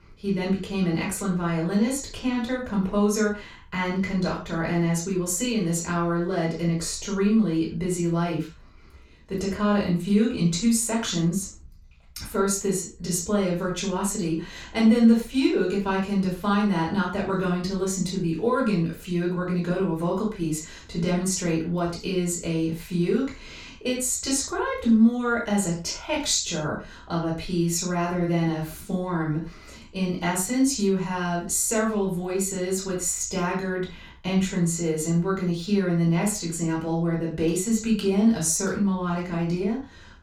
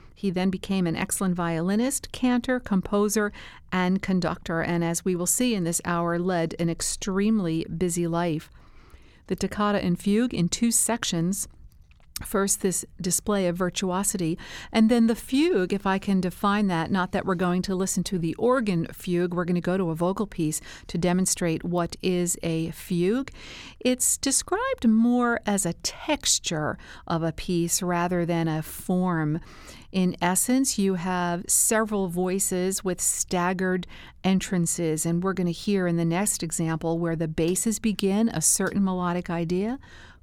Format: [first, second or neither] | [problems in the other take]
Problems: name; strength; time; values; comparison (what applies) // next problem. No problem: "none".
second | room echo; noticeable; dies away in 0.3 s // off-mic speech; far